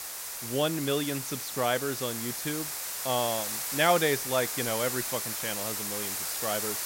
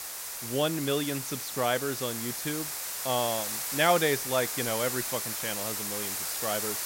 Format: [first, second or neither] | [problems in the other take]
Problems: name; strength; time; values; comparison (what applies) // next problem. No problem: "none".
neither | hiss; loud; throughout; 1 dB below the speech; the same in both